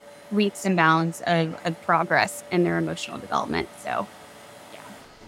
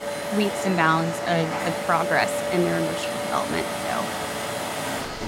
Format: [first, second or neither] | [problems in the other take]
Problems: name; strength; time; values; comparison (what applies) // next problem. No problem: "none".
first | household noises; loud; throughout; 3 dB below the speech; faint in the first